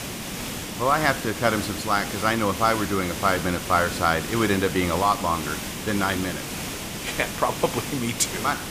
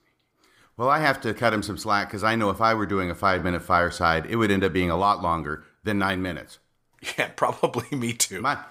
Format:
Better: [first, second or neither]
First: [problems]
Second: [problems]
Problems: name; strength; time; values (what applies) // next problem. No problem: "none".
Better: second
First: hiss; loud; throughout; 6 dB below the speech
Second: none